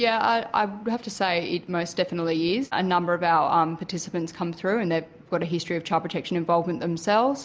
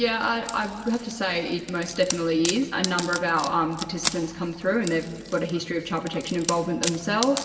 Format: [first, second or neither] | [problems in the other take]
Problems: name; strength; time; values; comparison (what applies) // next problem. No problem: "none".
first | background sound (Wood); 10 dB below the speech // room echo; dies away in 1.9 s